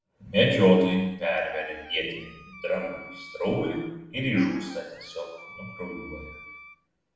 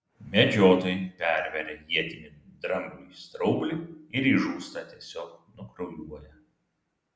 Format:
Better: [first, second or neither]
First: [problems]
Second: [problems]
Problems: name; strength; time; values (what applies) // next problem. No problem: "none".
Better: second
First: background sound (Wind instrument, woodwind instrument); 19 dB below the speech // room echo; dies away in 0.8 s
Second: none